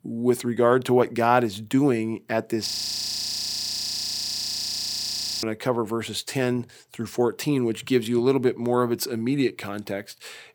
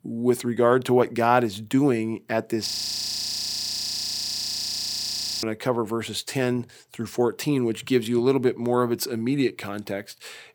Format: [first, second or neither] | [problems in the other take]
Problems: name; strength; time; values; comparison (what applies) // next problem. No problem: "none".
neither | audio freezing; at 2.5 s for 3 s; the same in both